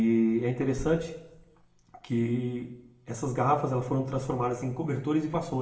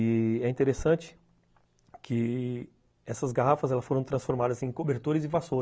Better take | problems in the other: second | room echo; dies away in 0.8 s

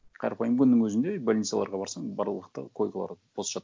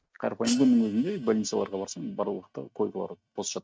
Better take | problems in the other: first | noise reduction (neural mask model RNNoise)

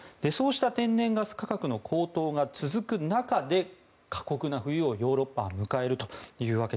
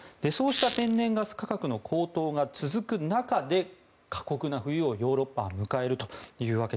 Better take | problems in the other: first | background sound (Squeak); 9 dB below the speech

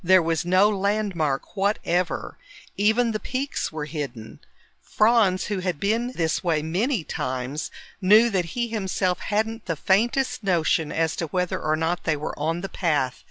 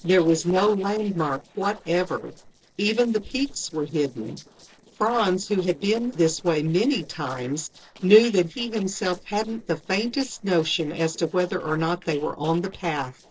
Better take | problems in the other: first | noise reduction (neural separator model SepFormer DNS4)

